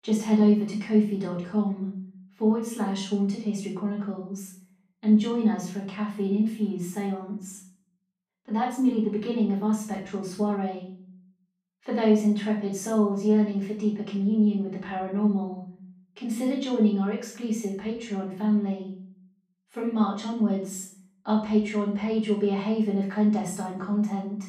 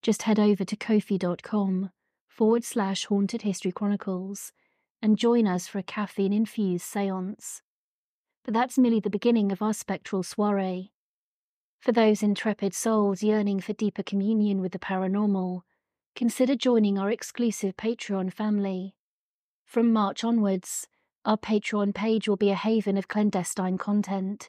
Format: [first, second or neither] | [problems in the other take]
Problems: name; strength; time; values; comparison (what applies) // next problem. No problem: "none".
second | off-mic speech; far // room echo; noticeable; dies away in 0.5 s